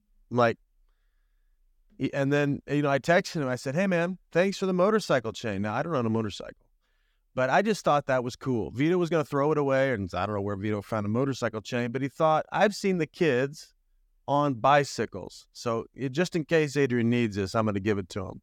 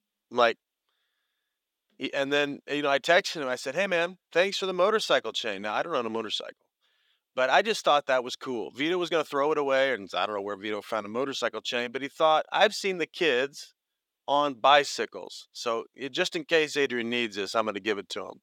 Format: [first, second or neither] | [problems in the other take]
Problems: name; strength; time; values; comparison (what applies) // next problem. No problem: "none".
first | thin; somewhat; fading below 400 Hz